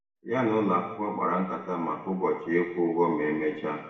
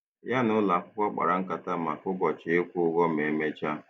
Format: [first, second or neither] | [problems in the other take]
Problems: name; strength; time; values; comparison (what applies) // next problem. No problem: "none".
second | room echo; dies away in 1.2 s